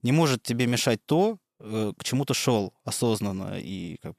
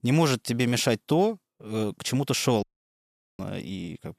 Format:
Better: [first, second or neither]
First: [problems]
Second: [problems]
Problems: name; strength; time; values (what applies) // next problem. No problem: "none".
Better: first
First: none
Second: audio cutting out; at 2.5 s for 1 s